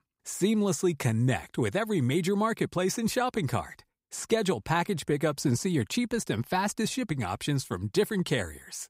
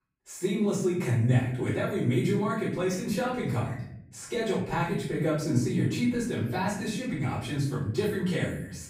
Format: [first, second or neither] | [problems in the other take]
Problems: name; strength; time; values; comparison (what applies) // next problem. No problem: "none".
first | off-mic speech; far // room echo; noticeable; dies away in 0.9 s